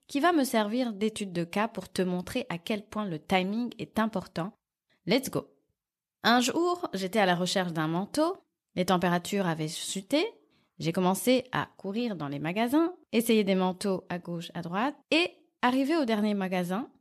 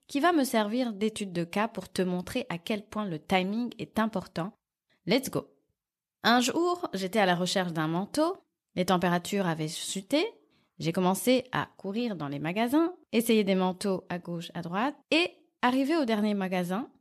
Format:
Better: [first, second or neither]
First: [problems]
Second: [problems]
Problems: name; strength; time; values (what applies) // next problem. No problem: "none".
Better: neither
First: none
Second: none